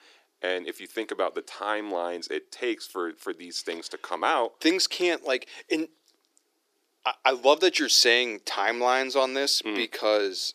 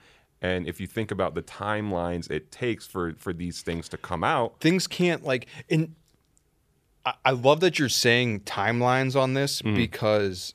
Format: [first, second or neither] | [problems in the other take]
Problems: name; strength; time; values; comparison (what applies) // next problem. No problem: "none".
second | thin; somewhat; fading below 300 Hz